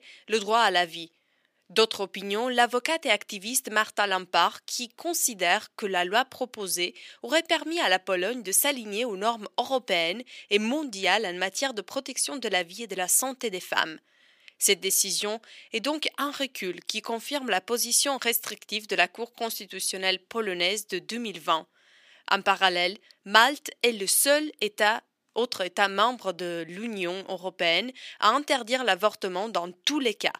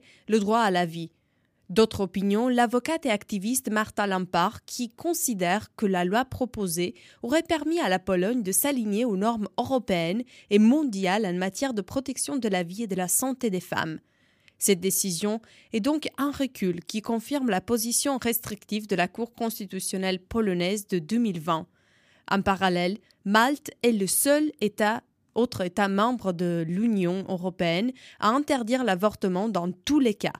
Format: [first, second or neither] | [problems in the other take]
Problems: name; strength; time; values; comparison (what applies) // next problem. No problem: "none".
second | thin; somewhat; fading below 450 Hz